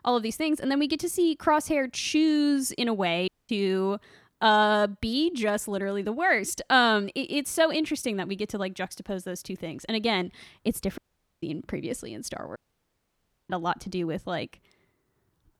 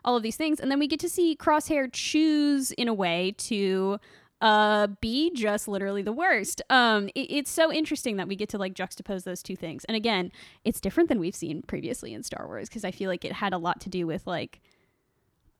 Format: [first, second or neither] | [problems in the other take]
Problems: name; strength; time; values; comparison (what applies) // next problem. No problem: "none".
second | audio cutting out; at 3.5 s, at 11 s and at 13 s for 1 s